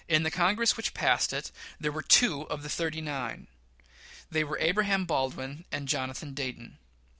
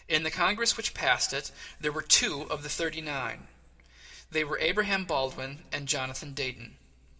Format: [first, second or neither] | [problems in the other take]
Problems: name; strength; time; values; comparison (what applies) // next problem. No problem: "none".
first | room echo; dies away in 1.2 s